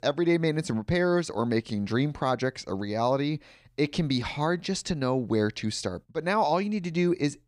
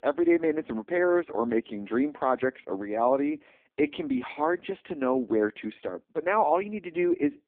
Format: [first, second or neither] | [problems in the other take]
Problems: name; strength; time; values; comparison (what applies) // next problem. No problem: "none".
first | phone-call audio; poor line